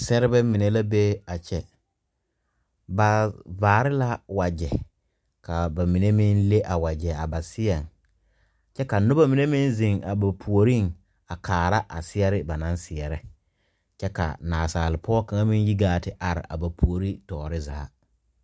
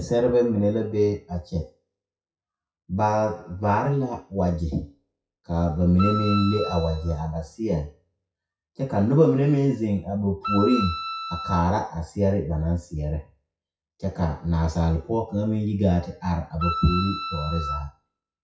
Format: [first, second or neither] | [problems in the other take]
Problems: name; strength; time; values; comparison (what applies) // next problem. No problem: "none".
first | noise reduction (classical method WPE with log-MMSE)